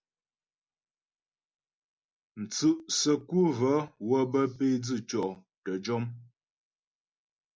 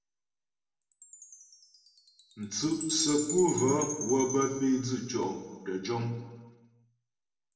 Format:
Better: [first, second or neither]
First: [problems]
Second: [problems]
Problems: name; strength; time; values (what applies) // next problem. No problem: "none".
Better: first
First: none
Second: background sound (Chime); 10 dB below the speech // room echo; dies away in 1.1 s